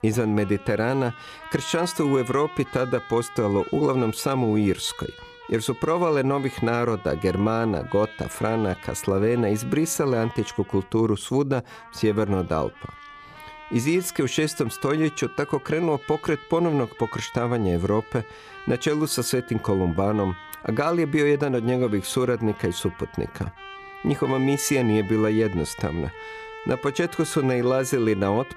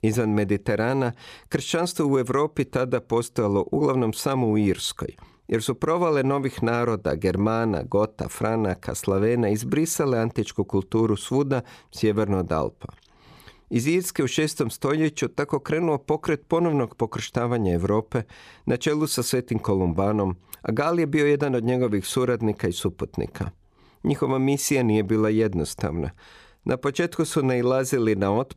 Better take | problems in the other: second | background music; noticeable; throughout; 15 dB below the speech

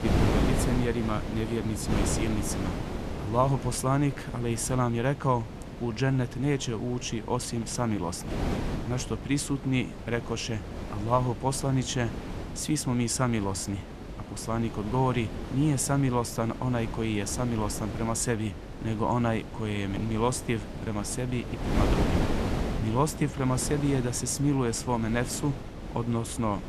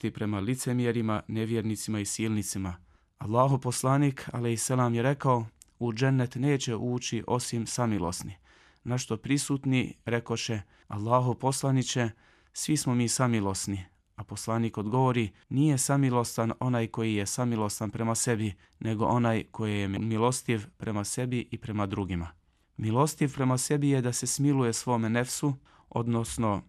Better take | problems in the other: second | wind noise on the microphone; heavy; 7 dB below the speech

